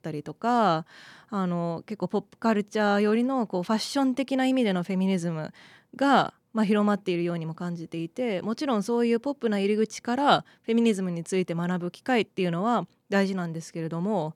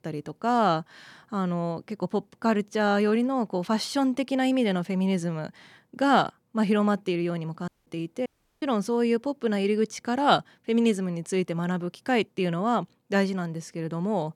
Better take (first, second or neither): first